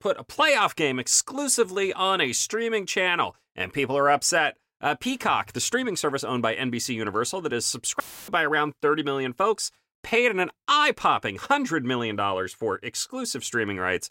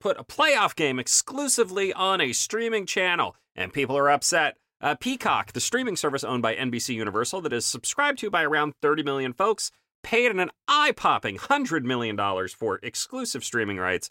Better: second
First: audio cutting out; filled with static; at 8 s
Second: none

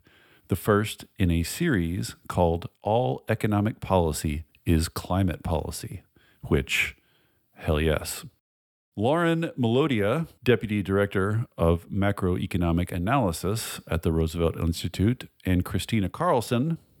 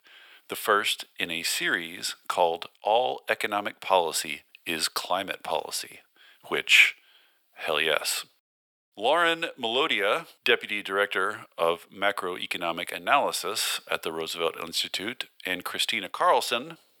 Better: first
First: none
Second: thin; very; fading below 650 Hz

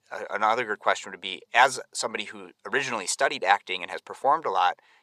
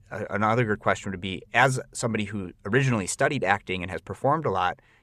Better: second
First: thin; very; fading below 450 Hz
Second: none

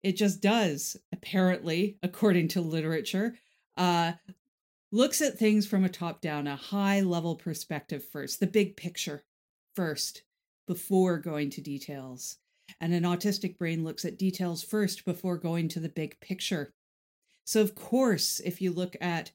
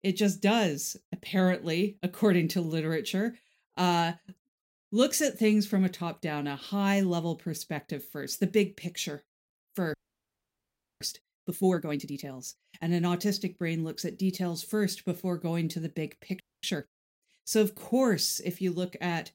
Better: first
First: none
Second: audio freezing; at 10 s for 1 s and at 16 s

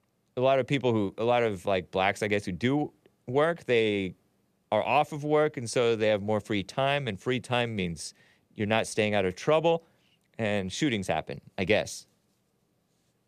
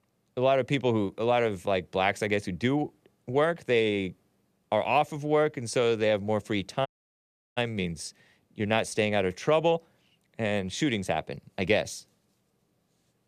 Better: first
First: none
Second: audio cutting out; at 7 s for 0.5 s

